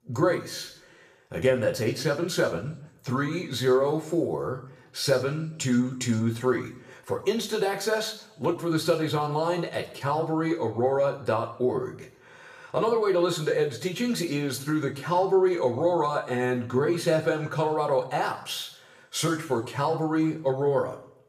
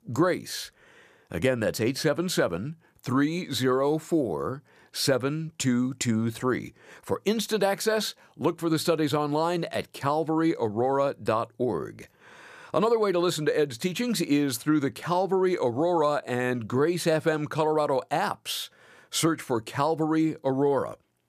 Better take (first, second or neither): second